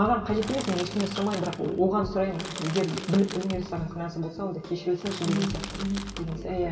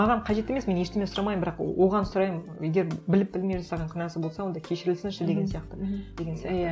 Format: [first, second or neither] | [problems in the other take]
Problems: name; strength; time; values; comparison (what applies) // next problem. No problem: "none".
second | background sound (Crushing); 11 dB below the speech // room echo; dies away in 2.4 s